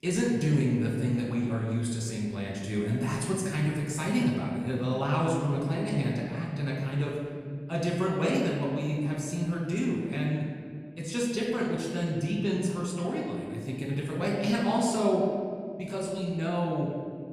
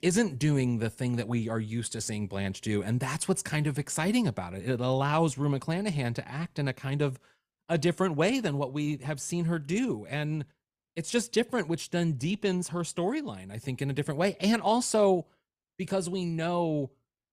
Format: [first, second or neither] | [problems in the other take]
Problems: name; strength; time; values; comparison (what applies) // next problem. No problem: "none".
second | room echo; noticeable; dies away in 1.9 s // off-mic speech; far